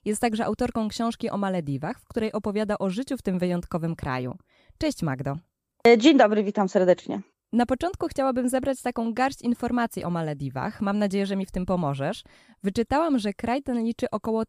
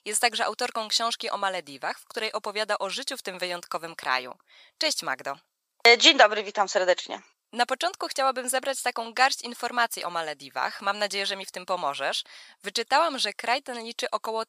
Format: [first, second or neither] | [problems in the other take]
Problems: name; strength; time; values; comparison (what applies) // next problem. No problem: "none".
first | thin; very; fading below 900 Hz